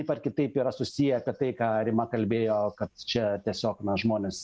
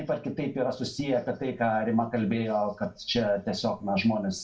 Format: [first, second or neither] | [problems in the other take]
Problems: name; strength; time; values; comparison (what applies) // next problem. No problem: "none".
first | room echo; dies away in 0.3 s